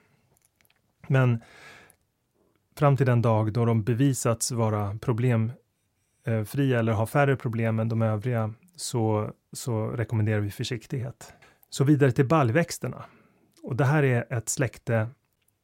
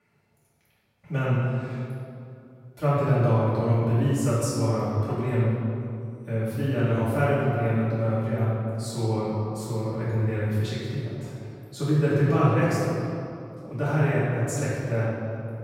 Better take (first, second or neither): first